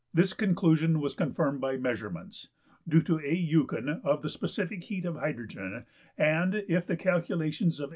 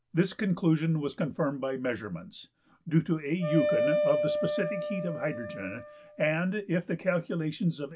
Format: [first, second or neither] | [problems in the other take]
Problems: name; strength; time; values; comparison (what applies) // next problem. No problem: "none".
first | background sound (Wind instrument, woodwind instrument); 1 dB below the speech